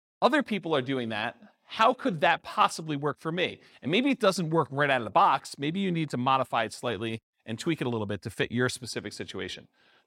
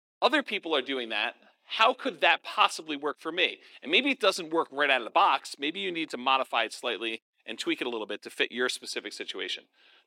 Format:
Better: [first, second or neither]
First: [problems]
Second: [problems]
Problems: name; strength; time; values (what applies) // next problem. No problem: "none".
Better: first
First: none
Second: thin; very slightly; fading below 300 Hz